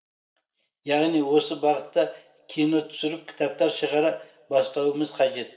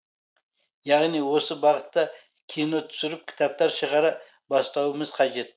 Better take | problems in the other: second | room echo; dies away in 0.9 s

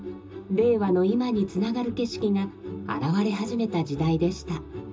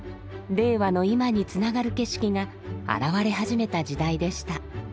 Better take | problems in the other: second | room echo; dies away in 0.2 s

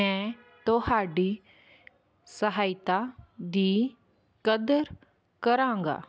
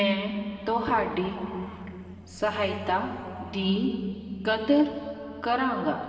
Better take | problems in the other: first | background sound (Car passing by); 19 dB below the speech // room echo; dies away in 2.7 s

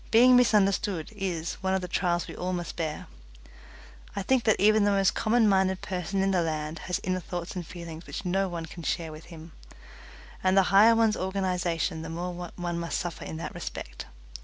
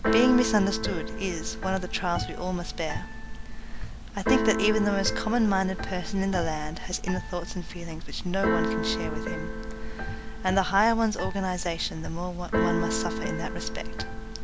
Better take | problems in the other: first | background sound (Keyboard (musical)); 1 dB below the speech

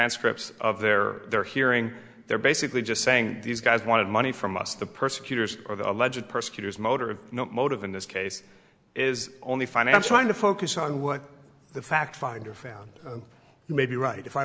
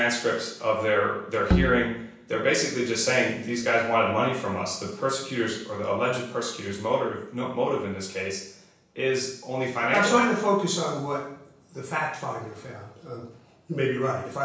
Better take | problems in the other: first | background sound (Bowed string instrument); as loud as the speech // room echo; dies away in 0.7 s

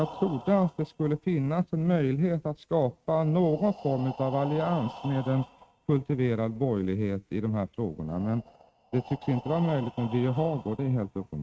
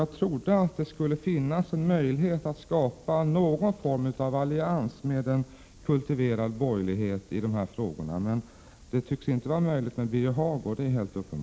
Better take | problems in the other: second | noise reduction (neural mask model RNNoise)

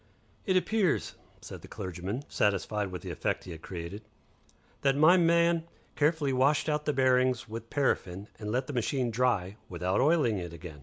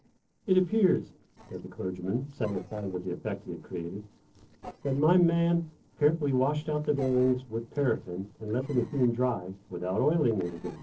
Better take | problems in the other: first | noise reduction (neural separator model SepFormer DNS4)

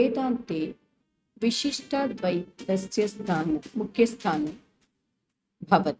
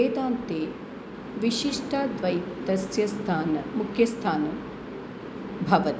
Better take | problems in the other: second | noise reduction (neural mask model RNNoise)

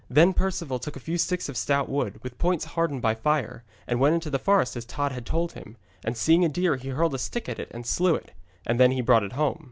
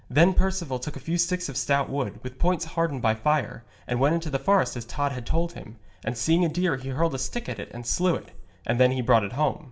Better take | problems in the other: first | room echo; dies away in 0.3 s

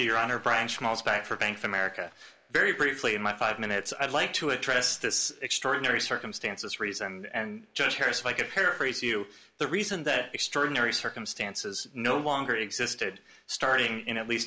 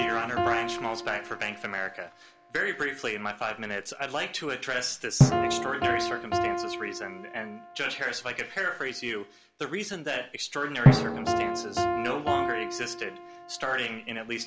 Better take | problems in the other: first | background sound (Piano + Drum); 3 dB above the speech

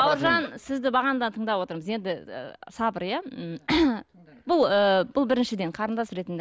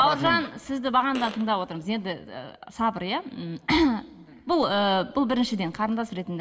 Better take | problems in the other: first | background sound (Fart); 17 dB below the speech // room echo; dies away in 0.8 s

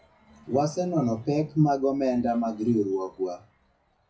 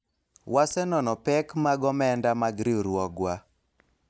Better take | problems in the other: second | noise reduction (classical method WPE with log-MMSE)

